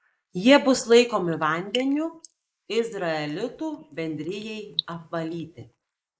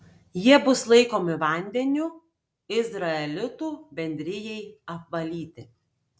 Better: second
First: noise reduction (neural mask model Resemble Enhance denoiser)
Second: none

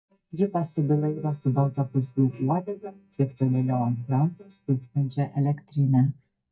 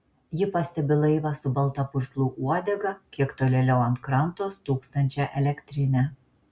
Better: second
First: noise reduction (neural mask model DeepFilterNet 3)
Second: none

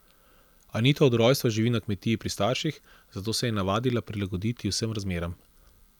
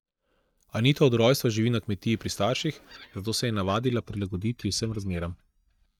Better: first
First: none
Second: noise reduction (neural mask model DeepFilterNet 3)

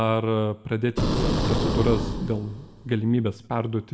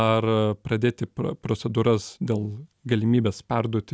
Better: second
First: background sound (Boom); 1 dB below the speech // room echo; dies away in 1.9 s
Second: none

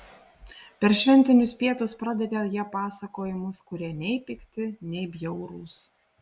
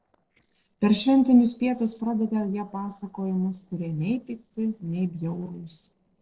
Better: first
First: none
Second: noise reduction (neural separator model SepFormer DNS4)

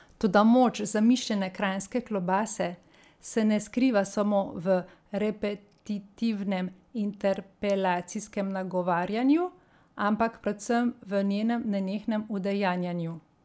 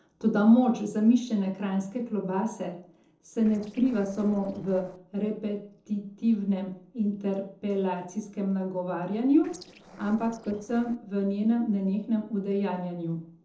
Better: first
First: none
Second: noise reduction (neural separator model SepFormer DNS4)

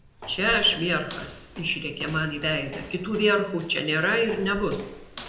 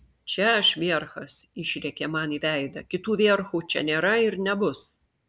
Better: second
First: background sound (Walk, footsteps); 16 dB below the speech // room echo; dies away in 0.8 s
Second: none

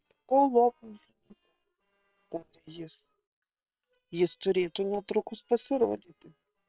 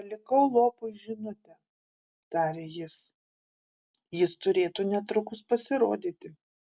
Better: second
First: noise reduction (neural separator model SepFormer WHAM!)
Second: none

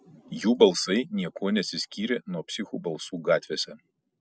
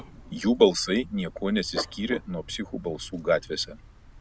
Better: first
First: none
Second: background sound (Dog); 14 dB below the speech

